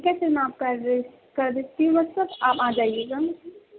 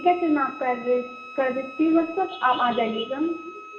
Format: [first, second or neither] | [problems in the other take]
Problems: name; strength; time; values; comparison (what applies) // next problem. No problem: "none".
first | background sound (Wind instrument, woodwind instrument); 16 dB below the speech // room echo; dies away in 0.6 s